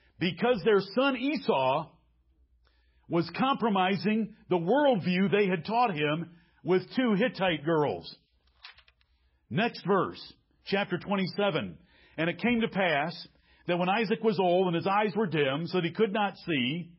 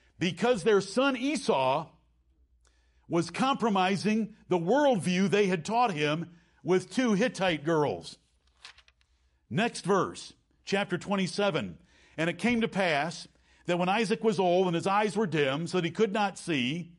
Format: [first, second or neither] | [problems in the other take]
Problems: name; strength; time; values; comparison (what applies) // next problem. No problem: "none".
second | garbled, watery; badly; nothing above 5.5 kHz; slightly in the second